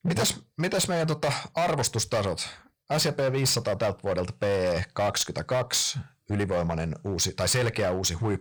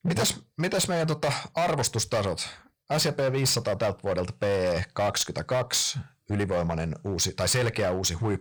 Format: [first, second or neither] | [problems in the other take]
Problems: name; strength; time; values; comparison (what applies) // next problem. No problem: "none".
neither | distortion; heavy; 15% of the sound clipped; the same in both